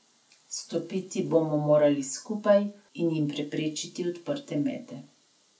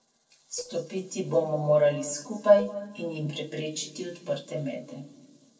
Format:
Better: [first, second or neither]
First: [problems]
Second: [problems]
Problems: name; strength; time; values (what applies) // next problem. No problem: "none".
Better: first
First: none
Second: noise reduction (neural separator model SepFormer DNS4)